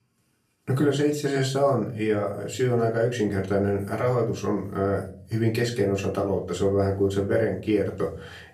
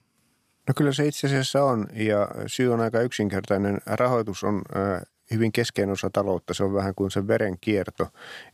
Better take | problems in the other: second | off-mic speech; far // room echo; slight; dies away in 0.5 s

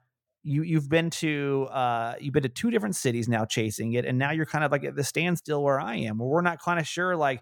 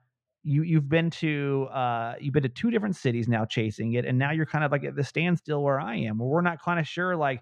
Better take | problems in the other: first | muffled; slightly; fading above 3 kHz

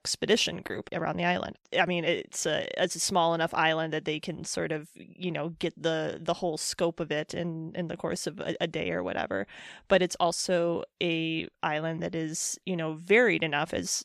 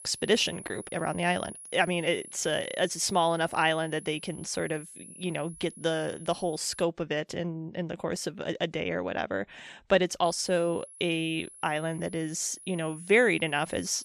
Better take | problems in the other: first | high-pitched whine; noticeable; until 7 s and from 10 s on; 10.5 kHz, 15 dB below the speech

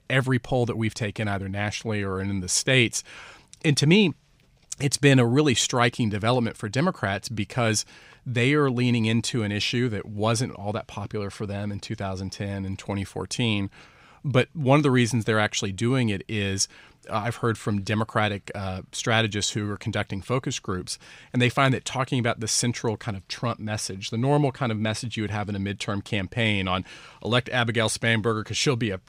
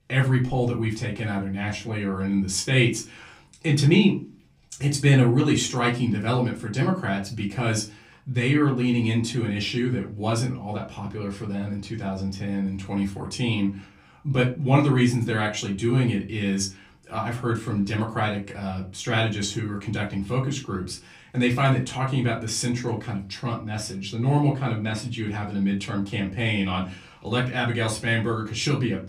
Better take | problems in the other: first | off-mic speech; far // room echo; very slight; dies away in 0.3 s

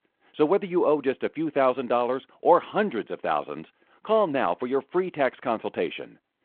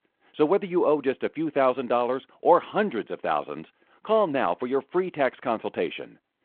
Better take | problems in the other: neither | phone-call audio; the same in both

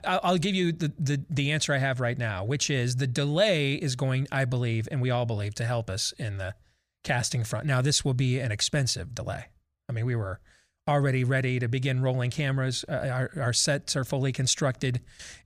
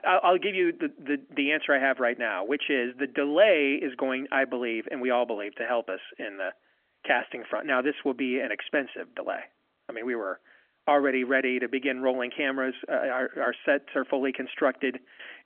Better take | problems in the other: first | phone-call audio; nothing above 3.5 kHz

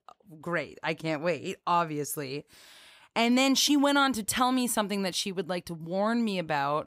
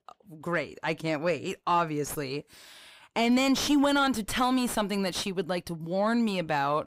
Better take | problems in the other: first | distortion; slight; 10 dB below the speech

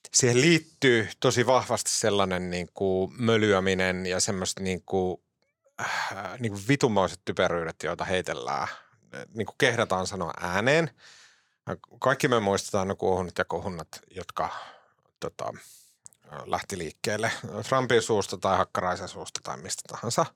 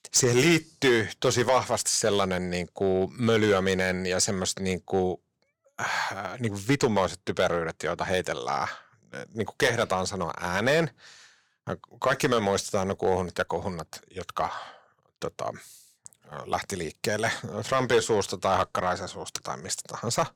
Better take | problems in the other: first | distortion; slight; 1.9% of the sound clipped

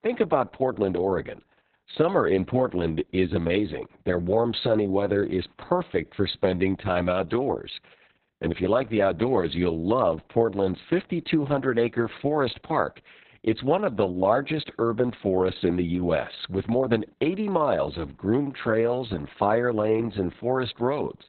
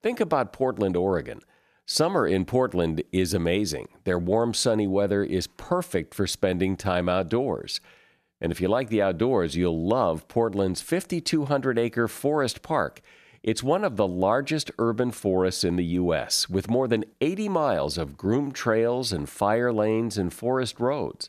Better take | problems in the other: second | garbled, watery; badly; nothing above 4 kHz

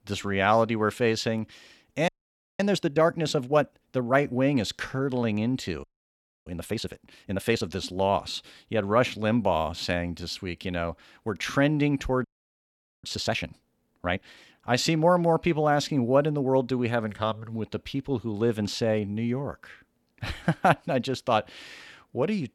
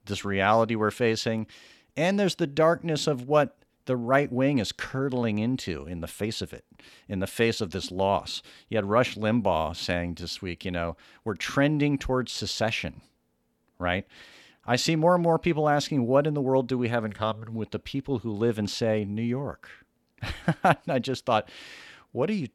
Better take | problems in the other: second | audio freezing; at 2 s for 0.5 s, at 6 s for 0.5 s and at 12 s for 1 s

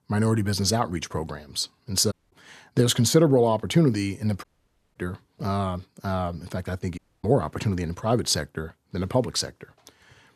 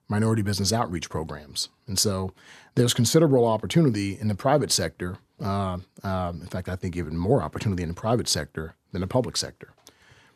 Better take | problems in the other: second | audio cutting out; at 2 s, at 4.5 s for 0.5 s and at 7 s

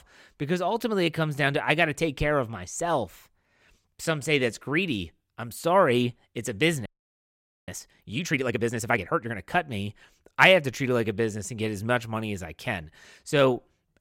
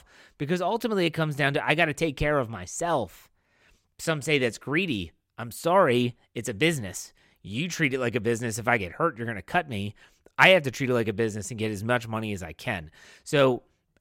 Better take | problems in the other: second | audio freezing; at 7 s for 1 s

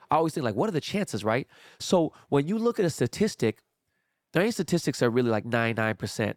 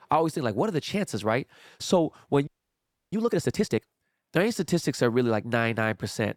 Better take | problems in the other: first | audio freezing; at 2.5 s for 0.5 s

